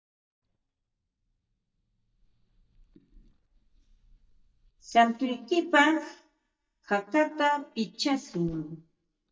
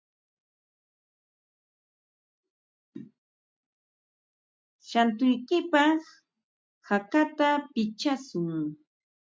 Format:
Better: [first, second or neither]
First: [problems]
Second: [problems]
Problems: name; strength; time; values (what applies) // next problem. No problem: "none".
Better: second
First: noise reduction (neural mask model DeepFilterNet 3)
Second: none